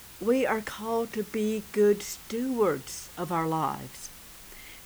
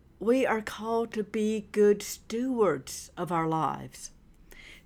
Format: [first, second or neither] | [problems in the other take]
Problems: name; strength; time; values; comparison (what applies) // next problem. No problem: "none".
second | hiss; noticeable; throughout; 15 dB below the speech